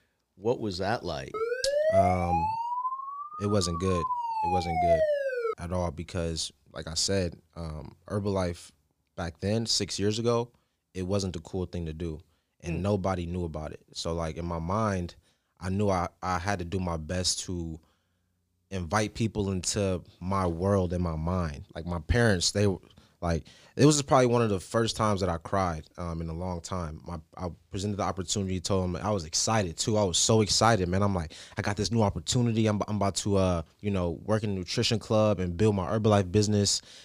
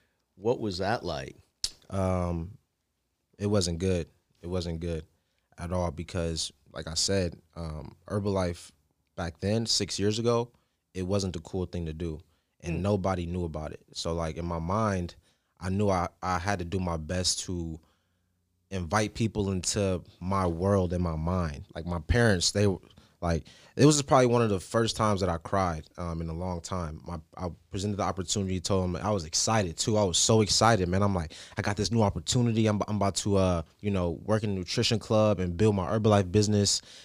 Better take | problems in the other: second | siren; loud; from 1.5 to 5.5 s; peak 4 dB above the speech

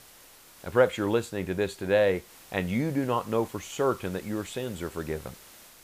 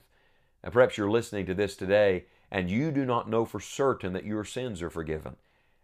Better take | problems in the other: second | hiss; faint; throughout; 20 dB below the speech

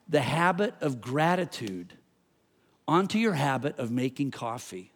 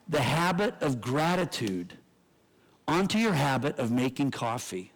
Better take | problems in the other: first | distortion; heavy; 15% of the sound clipped

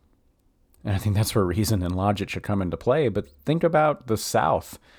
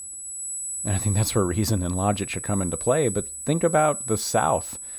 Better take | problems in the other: first | high-pitched whine; loud; throughout; 8 kHz, 6 dB below the speech

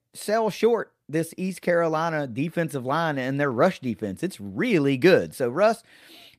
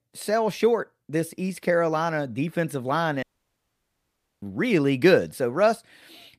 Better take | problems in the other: first | audio cutting out; at 3 s for 1 s

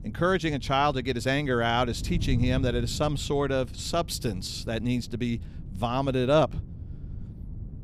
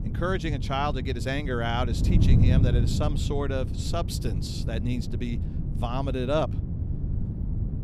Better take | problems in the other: first | wind noise on the microphone; heavy; 9 dB below the speech; occasional gusts in the first

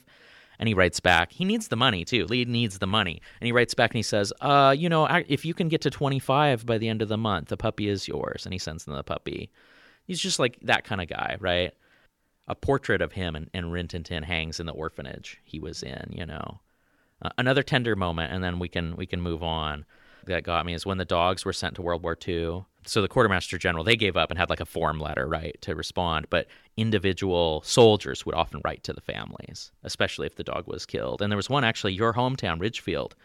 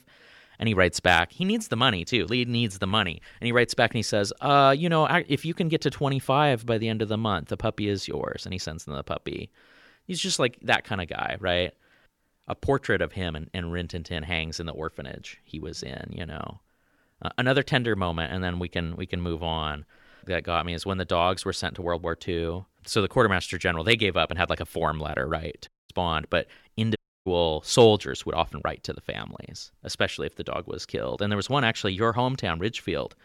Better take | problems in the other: first | audio cutting out; at 26 s and at 27 s

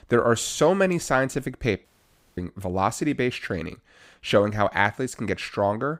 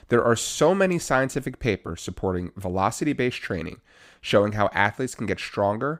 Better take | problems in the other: second | audio cutting out; at 2 s for 0.5 s

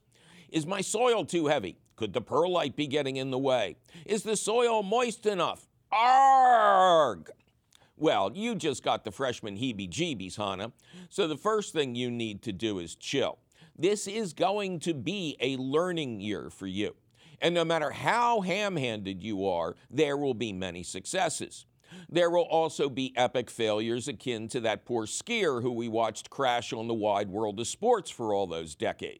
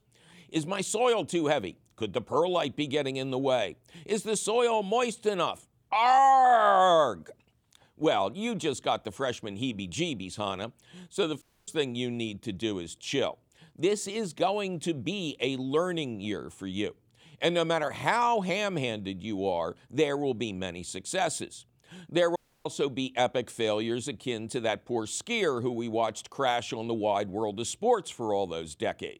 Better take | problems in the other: first | audio cutting out; at 11 s and at 22 s

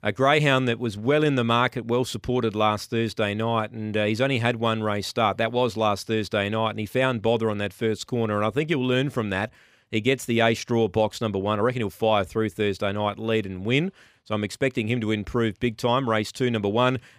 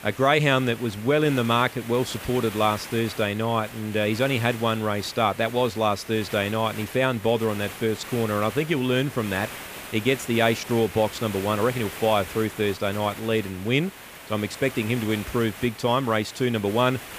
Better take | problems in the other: first | hiss; noticeable; throughout; 15 dB below the speech

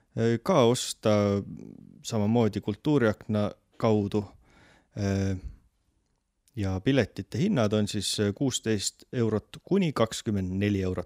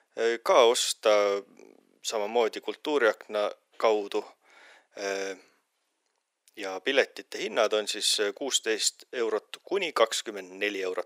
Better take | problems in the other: first | thin; very; fading below 400 Hz

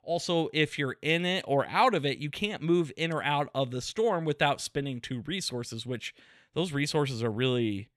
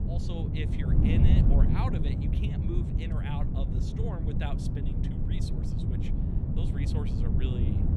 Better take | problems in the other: first | wind noise on the microphone; heavy; 3 dB above the speech

